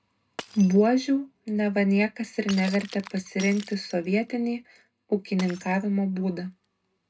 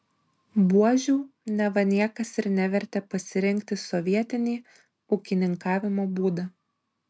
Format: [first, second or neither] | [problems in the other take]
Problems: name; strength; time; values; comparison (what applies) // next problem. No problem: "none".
second | background sound (Shatter); 20 dB below the speech // room echo; dies away in 0.2 s